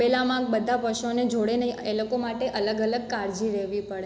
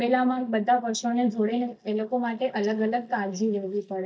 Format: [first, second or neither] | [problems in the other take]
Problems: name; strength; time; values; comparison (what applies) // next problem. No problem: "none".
first | noise reduction (neural mask model DeepFilterNet 3)